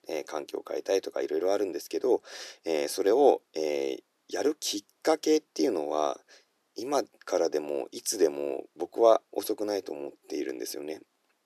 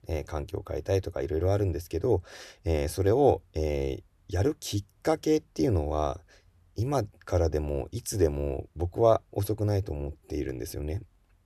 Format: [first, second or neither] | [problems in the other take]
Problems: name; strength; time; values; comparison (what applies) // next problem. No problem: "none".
second | thin; somewhat; fading below 300 Hz